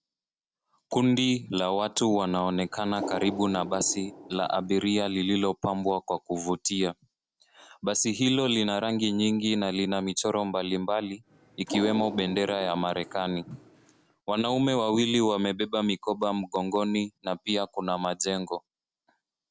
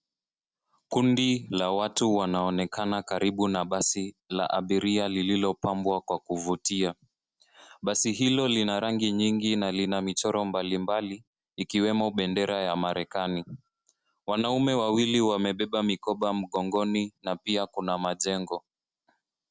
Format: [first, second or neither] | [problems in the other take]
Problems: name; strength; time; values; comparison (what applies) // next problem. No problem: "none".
second | background sound (Water); 12 dB below the speech